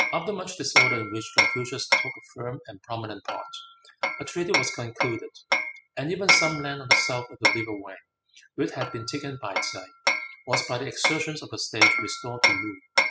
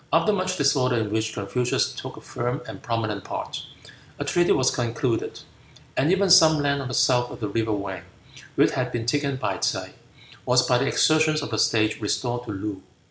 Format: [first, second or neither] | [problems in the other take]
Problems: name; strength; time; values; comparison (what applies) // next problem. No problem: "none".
second | noise reduction (classical method spectral subtraction)